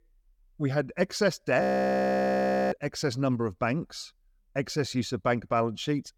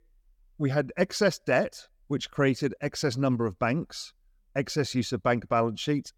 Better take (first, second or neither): second